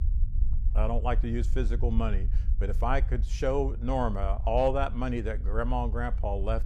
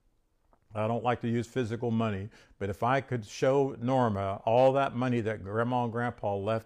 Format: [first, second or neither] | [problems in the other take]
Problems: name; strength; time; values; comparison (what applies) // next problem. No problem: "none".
second | low rumble; faint; throughout; 20 dB below the speech